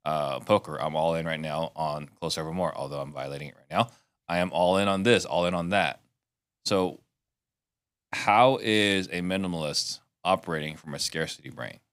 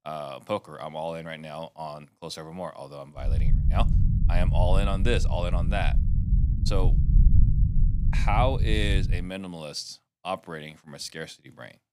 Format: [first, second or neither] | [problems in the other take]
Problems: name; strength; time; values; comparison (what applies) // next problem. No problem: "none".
first | low rumble; loud; from 3.5 to 9 s; 9 dB below the speech